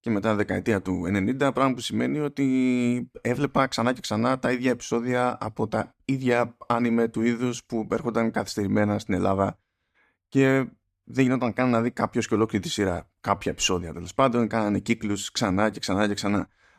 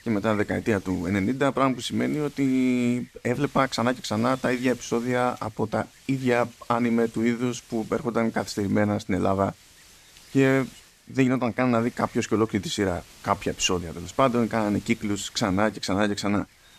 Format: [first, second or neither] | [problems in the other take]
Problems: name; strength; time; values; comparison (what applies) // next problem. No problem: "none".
first | wind noise on the microphone; occasional gusts; 20 dB below the speech